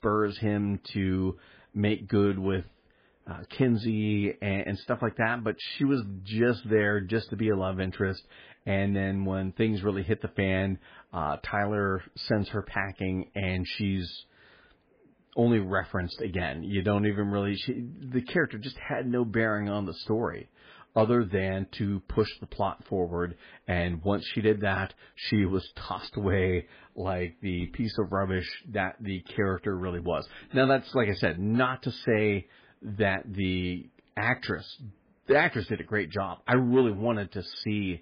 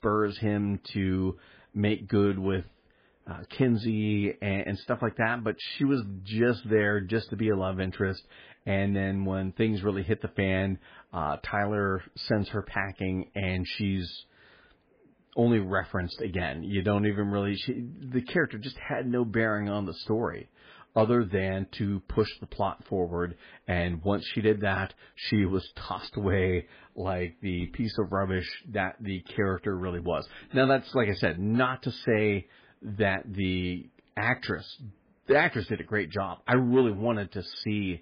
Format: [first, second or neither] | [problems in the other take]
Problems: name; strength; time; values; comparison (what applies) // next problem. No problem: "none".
neither | garbled, watery; badly; nothing above 5 kHz; the same in both